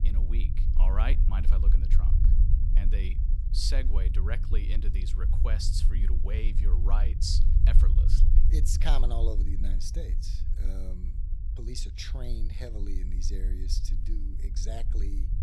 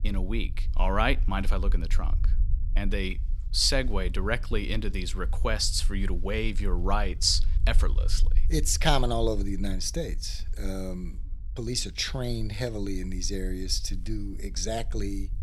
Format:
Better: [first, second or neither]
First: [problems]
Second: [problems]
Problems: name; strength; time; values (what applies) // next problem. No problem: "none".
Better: second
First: low rumble; loud; throughout; 8 dB below the speech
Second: low rumble; faint; throughout; 25 dB below the speech